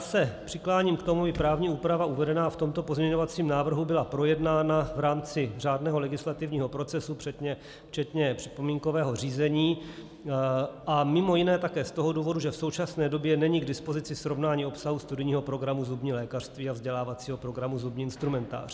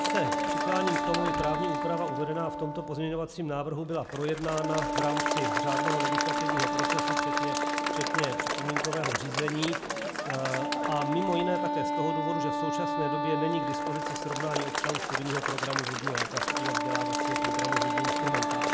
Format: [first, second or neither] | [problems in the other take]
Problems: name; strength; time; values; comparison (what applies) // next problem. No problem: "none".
first | background sound (Wind instrument, woodwind instrument + Applause / Crowd); 4 dB above the speech